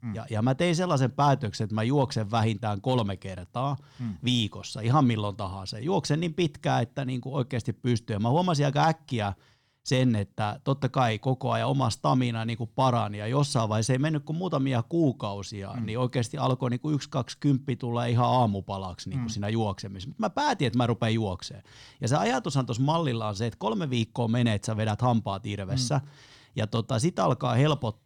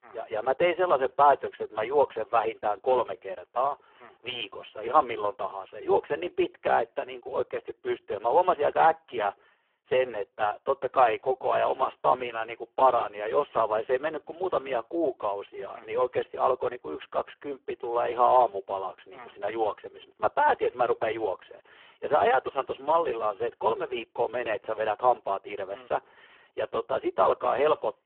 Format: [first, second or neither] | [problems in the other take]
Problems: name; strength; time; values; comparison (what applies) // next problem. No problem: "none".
first | phone-call audio; poor line